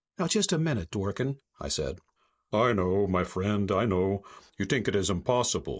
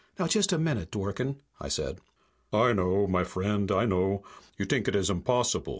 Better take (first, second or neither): second